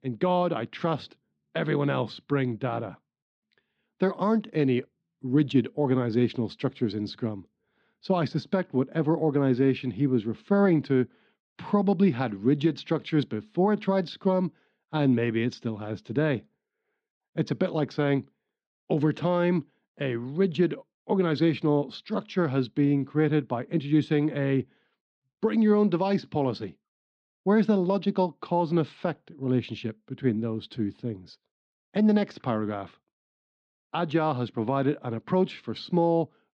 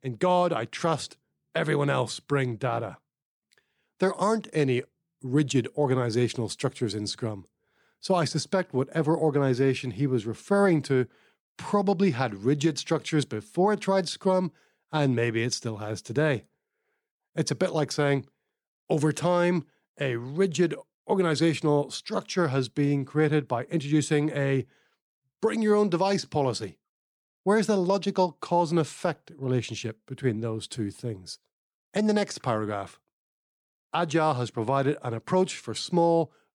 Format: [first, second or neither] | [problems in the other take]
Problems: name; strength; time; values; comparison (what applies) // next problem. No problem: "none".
second | muffled; slightly; fading above 4 kHz